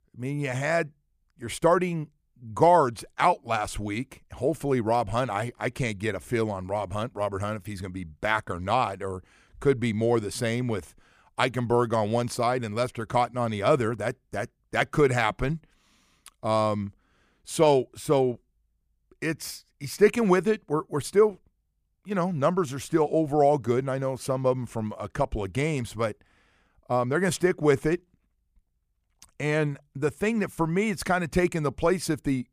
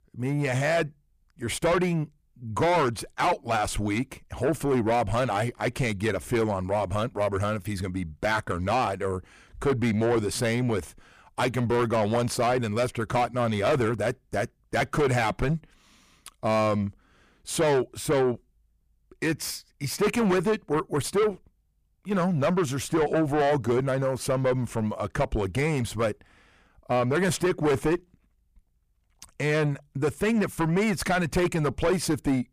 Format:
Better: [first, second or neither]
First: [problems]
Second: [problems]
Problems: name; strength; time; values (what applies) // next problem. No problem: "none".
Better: first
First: none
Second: distortion; heavy; 6 dB below the speech